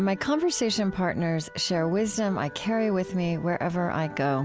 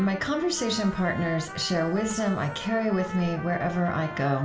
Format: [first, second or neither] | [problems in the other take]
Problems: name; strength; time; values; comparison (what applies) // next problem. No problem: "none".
first | background sound (Trumpet); 13 dB below the speech // room echo; dies away in 0.8 s